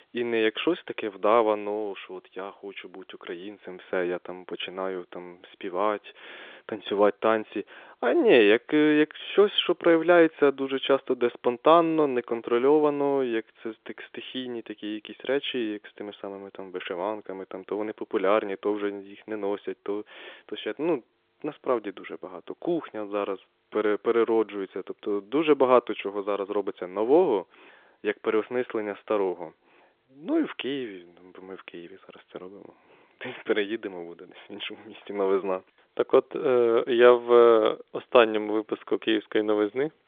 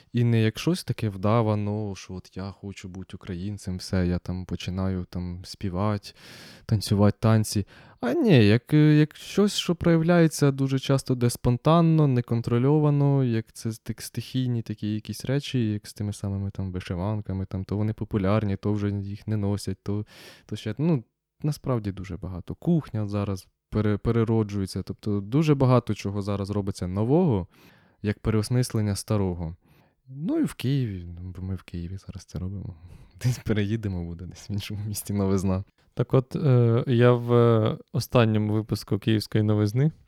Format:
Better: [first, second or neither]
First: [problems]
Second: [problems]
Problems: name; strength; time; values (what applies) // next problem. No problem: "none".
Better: second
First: phone-call audio; nothing above 3.5 kHz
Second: none